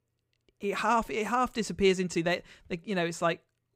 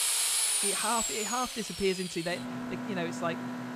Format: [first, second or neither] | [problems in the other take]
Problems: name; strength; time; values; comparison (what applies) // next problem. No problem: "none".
first | machinery noise; very loud; throughout; 3 dB above the speech